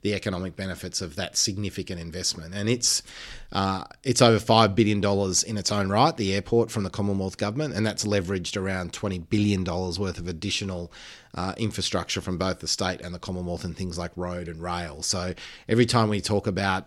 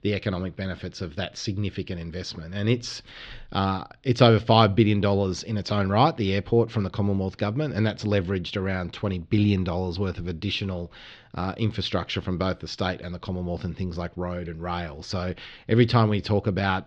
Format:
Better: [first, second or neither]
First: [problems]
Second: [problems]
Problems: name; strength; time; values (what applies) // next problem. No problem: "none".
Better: first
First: none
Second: muffled; slightly; fading above 4 kHz